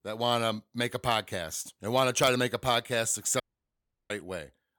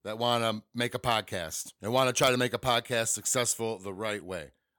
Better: second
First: audio cutting out; at 3.5 s for 0.5 s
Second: none

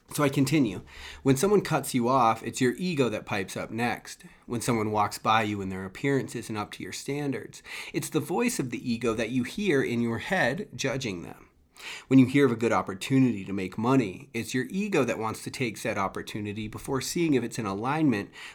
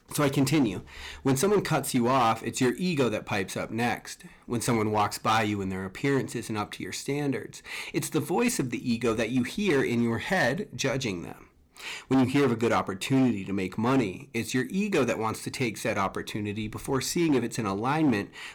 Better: first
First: none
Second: distortion; slight; 5% of the sound clipped

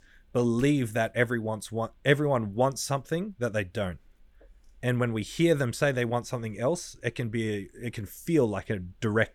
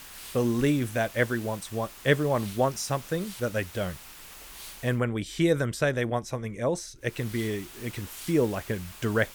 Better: first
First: none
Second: hiss; noticeable; until 5 s and from 7 s on; 15 dB below the speech

